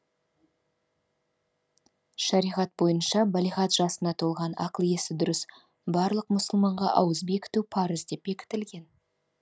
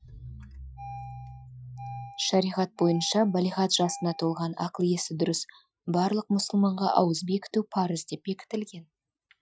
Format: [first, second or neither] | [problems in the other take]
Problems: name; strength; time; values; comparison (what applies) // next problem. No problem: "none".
first | noise reduction (classical method Wiener filter)